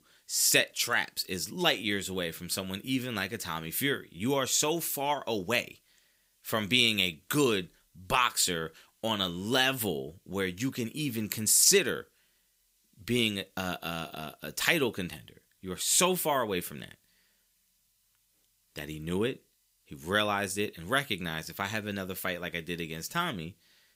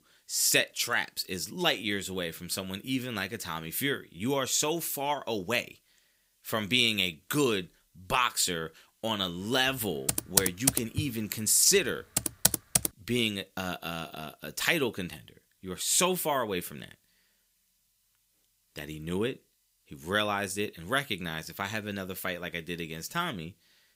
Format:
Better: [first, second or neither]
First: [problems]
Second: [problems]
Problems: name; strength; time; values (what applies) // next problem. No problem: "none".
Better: first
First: none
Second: keyboard typing; loud; from 10 to 13 s; peak 5 dB above the speech